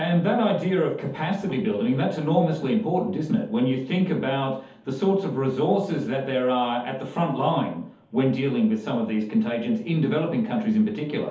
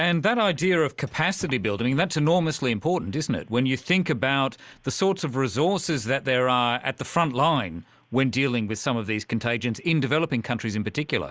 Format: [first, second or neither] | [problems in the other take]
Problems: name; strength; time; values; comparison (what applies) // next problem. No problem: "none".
second | room echo; dies away in 0.6 s